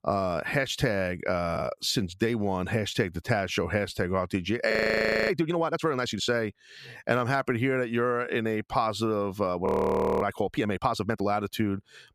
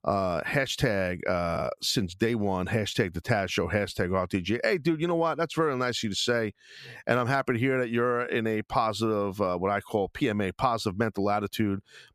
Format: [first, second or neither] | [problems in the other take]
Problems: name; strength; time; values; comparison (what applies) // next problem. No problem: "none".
second | audio freezing; at 4.5 s for 0.5 s and at 9.5 s for 0.5 s